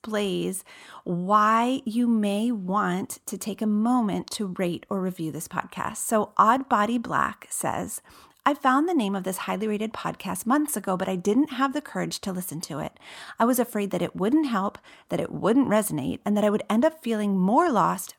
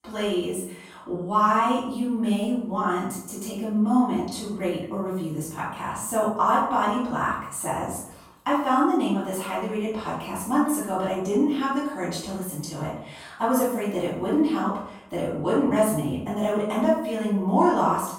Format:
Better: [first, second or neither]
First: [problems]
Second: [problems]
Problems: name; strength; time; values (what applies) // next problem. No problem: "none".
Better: first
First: none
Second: off-mic speech; far // room echo; noticeable; dies away in 0.6 s